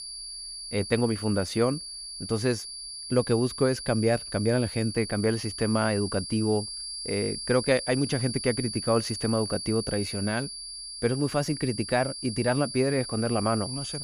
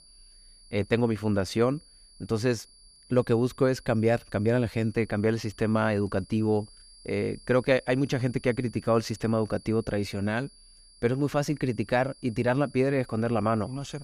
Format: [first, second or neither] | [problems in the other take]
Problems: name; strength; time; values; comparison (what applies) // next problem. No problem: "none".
second | high-pitched whine; loud; throughout; 4.5 kHz, 7 dB below the speech; faint in the second